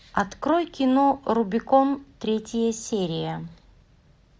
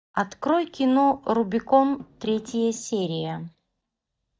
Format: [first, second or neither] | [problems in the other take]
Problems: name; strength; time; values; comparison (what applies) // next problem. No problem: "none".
first | noise reduction (neural mask model DeepFilterNet 3)